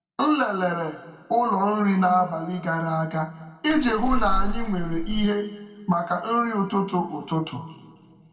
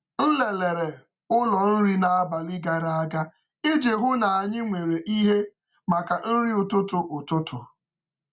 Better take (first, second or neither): second